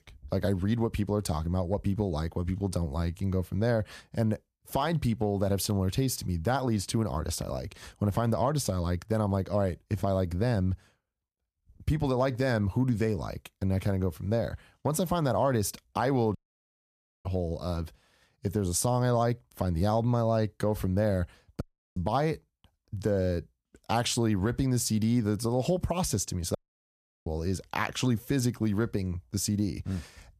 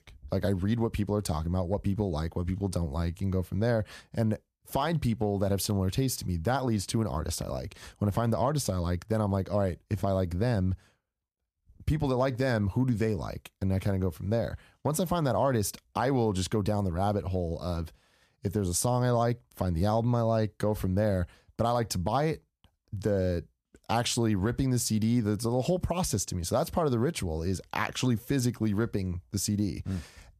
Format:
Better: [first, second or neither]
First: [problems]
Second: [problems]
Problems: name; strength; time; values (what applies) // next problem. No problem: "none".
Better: second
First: audio cutting out; at 16 s for 1 s, at 22 s and at 27 s for 0.5 s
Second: none